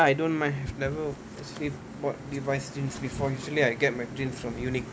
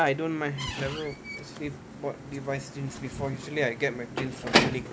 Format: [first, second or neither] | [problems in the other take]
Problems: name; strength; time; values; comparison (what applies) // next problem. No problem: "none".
first | background sound (Squeak / Slam / Wood); 2 dB below the speech